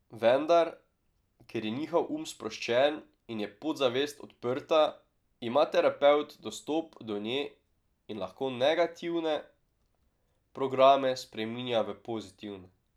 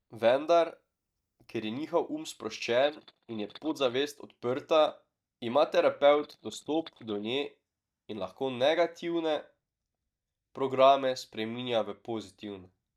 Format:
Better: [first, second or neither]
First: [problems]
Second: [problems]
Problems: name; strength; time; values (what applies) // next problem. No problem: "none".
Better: first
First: none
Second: noise reduction (neural mask model DeepFilterNet 3)